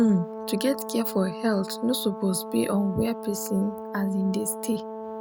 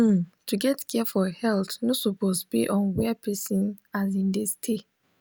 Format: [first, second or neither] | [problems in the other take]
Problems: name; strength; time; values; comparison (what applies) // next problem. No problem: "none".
second | background sound (Brass instrument); 9 dB below the speech